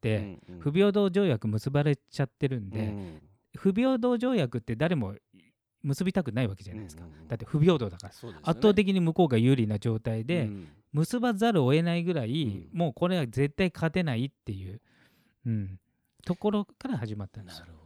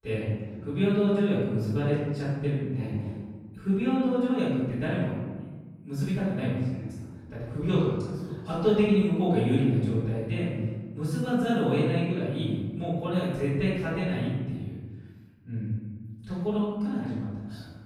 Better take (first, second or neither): first